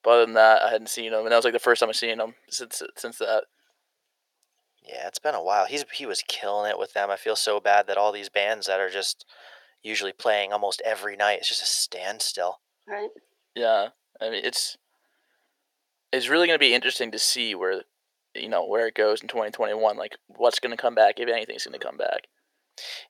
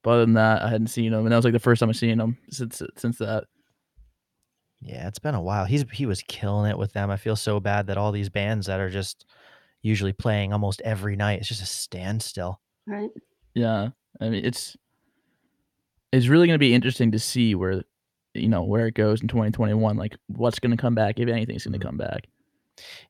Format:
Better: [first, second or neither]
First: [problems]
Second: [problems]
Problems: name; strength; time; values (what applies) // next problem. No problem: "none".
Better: second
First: thin; very; fading below 450 Hz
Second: none